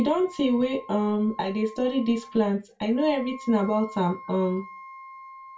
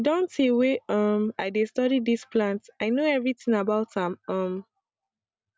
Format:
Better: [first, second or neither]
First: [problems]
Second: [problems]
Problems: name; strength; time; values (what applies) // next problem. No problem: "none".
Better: second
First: background sound (Wind instrument, woodwind instrument); 18 dB below the speech // room echo; dies away in 0.2 s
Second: none